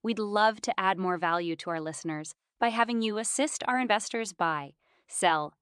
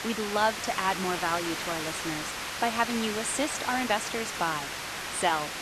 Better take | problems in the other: first | hiss; loud; throughout; 3 dB below the speech

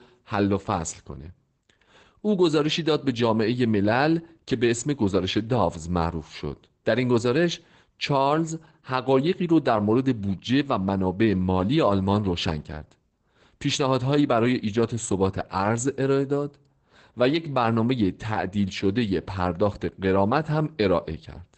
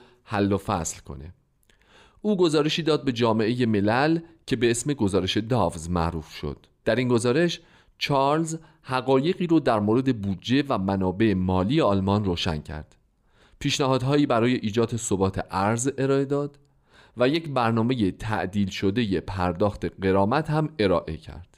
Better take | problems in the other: second | garbled, watery; badly; nothing above 8 kHz

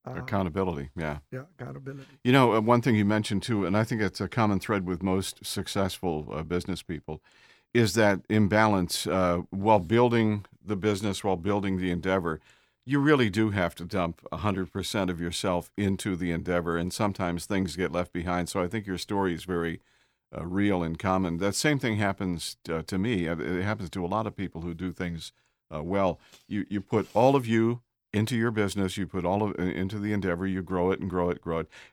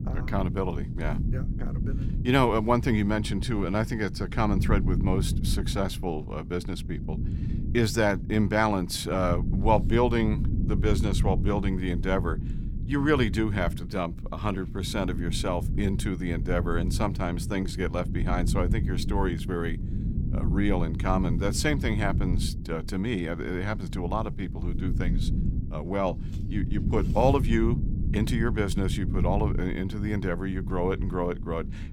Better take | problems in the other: first | low rumble; noticeable; throughout; 15 dB below the speech

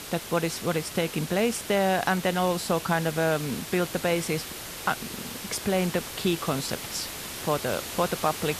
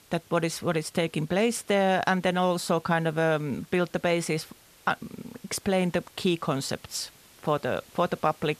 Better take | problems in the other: second | hiss; loud; throughout; 8 dB below the speech; faint in the second

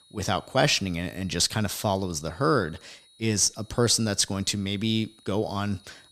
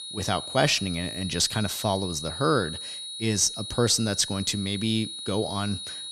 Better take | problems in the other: first | high-pitched whine; loud; throughout; 4 kHz, 8 dB below the speech; faint in the first

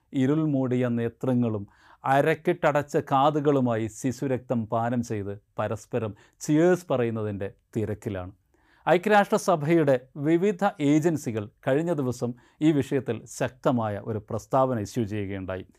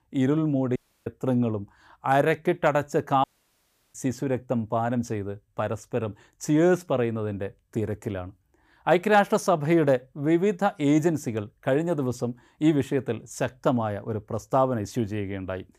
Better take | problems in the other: first | audio cutting out; at 1 s and at 3 s for 0.5 s

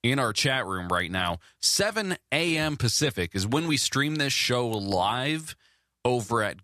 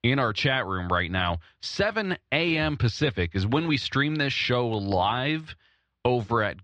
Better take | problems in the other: first | muffled; slightly; fading above 4 kHz

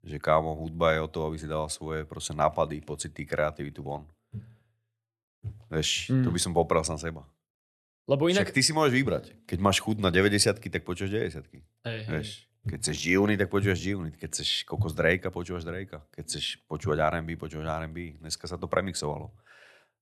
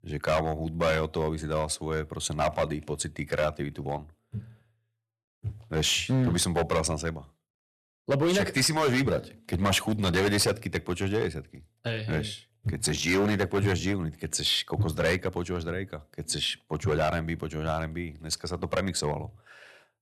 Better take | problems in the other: first | distortion; heavy; 6% of the sound clipped

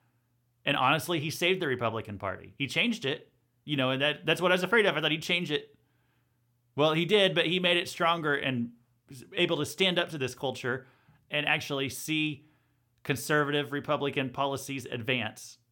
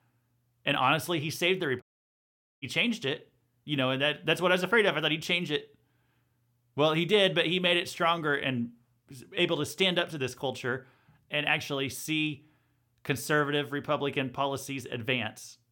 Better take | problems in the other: first | audio cutting out; at 2 s for 1 s

